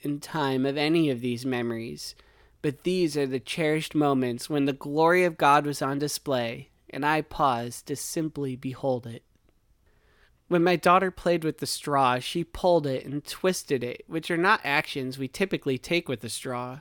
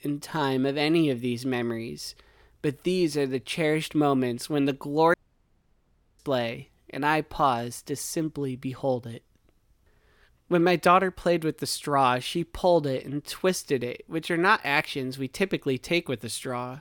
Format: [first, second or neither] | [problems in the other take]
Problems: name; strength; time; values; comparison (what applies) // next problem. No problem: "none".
first | audio cutting out; at 5 s for 1 s